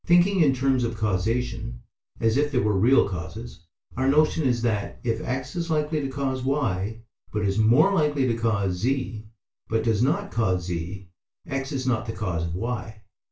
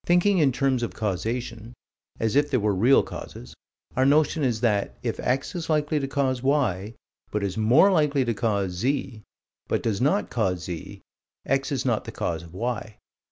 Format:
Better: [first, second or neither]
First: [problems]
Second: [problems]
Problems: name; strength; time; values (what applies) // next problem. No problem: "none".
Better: second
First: room echo; dies away in 0.2 s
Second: none